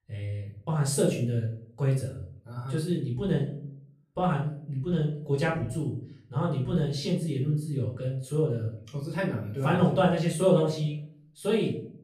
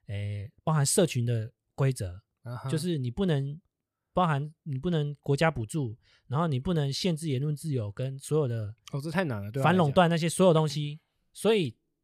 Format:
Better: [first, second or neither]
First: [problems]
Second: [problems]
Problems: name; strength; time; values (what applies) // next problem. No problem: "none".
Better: second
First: off-mic speech; far // room echo; noticeable; dies away in 0.5 s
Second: none